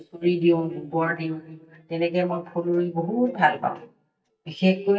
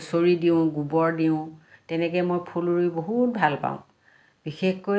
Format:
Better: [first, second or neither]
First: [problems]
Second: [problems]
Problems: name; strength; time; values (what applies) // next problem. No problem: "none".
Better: second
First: noise reduction (neural mask model DeepFilterNet 3)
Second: none